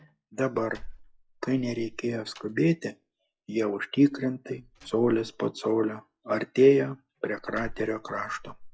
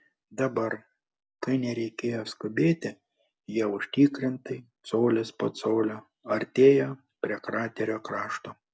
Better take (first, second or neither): second